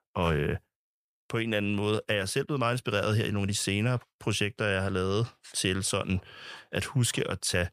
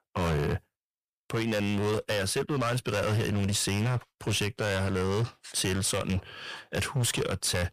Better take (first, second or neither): first